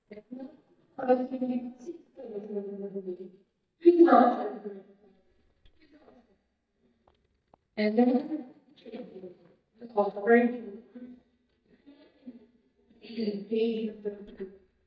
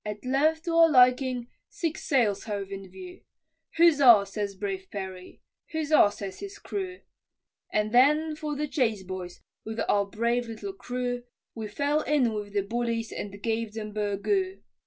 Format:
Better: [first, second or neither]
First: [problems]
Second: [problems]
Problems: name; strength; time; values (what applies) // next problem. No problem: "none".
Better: second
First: noise reduction (neural mask model DeepFilterNet 3)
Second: none